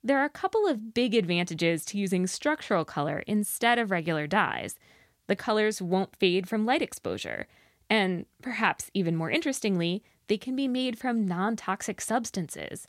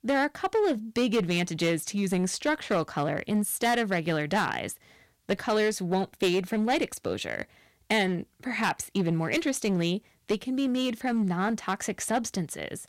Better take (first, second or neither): first